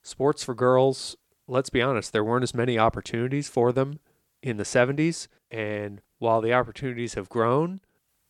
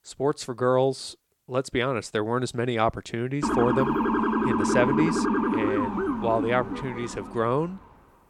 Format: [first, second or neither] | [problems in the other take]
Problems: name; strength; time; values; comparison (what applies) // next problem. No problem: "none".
first | siren; loud; from 3.5 to 7.5 s; peak 3 dB above the speech